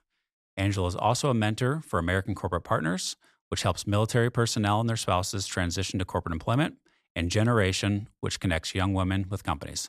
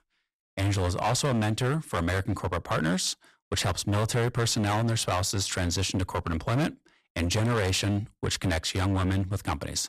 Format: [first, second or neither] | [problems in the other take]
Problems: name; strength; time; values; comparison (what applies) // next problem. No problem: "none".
first | distortion; heavy; 15% of the sound clipped